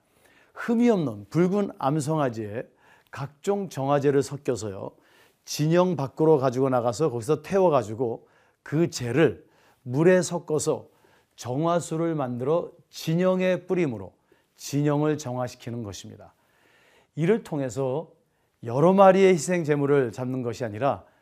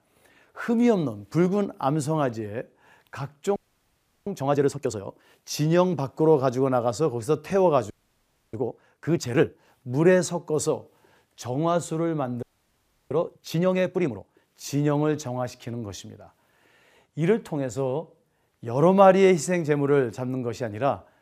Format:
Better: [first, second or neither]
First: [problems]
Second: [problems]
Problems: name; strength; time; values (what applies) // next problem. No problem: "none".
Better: first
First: none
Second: audio freezing; at 3.5 s for 0.5 s, at 8 s for 0.5 s and at 12 s for 0.5 s